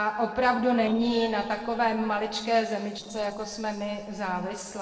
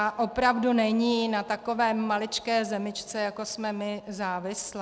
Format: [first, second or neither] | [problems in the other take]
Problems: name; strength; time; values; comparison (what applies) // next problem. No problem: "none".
second | noise reduction (neural separator model SepFormer DNS4)